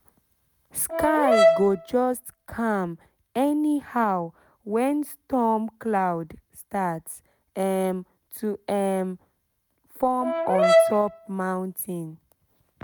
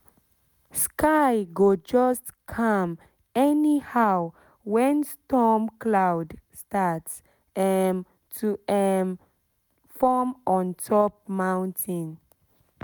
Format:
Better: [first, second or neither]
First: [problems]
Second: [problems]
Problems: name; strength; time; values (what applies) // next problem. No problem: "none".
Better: second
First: background sound (Brass instrument); 4 dB above the speech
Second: none